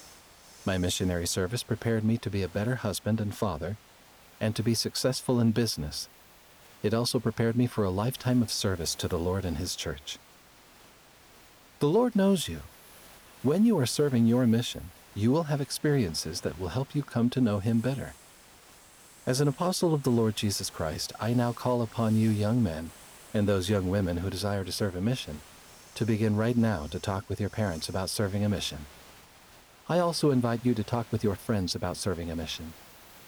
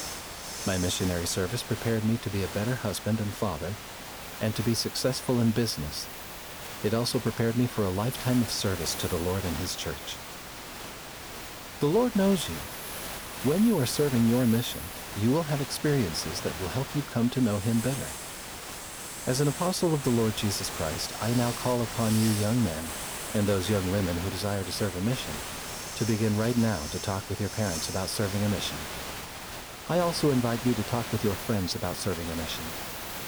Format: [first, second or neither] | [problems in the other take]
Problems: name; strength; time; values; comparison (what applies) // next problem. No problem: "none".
first | hiss; loud; throughout; 8 dB below the speech; faint in the first